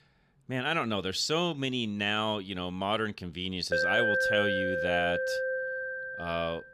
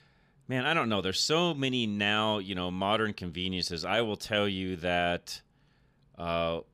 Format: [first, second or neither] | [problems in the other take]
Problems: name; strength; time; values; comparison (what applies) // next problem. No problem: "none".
second | alarm; loud; from 3.5 s on; peak 5 dB above the speech